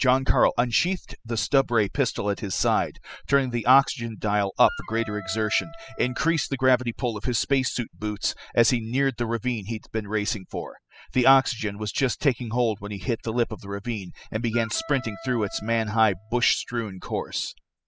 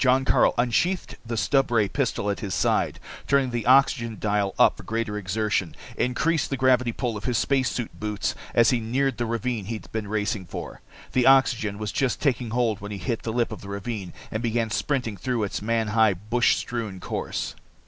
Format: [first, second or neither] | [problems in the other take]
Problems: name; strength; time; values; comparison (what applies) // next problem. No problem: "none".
second | noise reduction (classical method spectral subtraction)